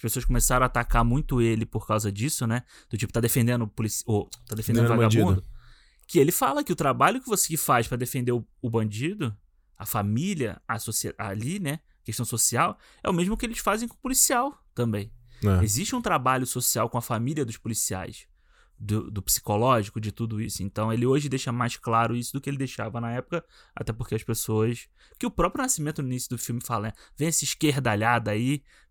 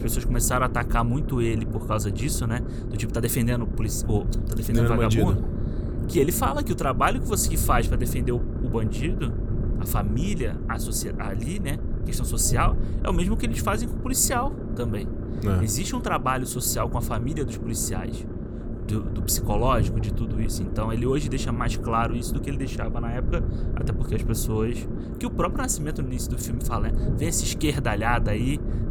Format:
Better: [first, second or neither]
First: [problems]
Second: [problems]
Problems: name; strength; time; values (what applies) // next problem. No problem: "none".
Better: first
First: none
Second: low rumble; noticeable; throughout; 10 dB below the speech